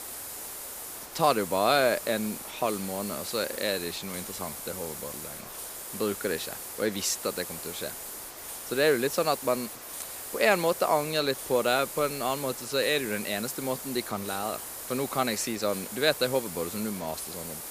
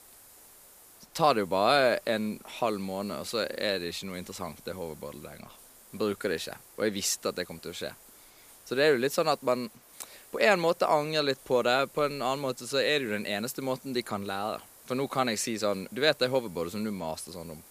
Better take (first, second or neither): second